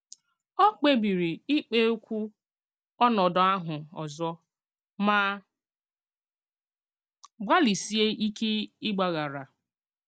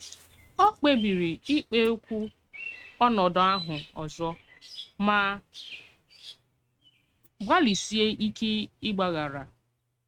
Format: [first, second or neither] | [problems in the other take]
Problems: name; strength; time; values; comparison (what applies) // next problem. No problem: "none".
first | noise reduction (neural mask model RNNoise)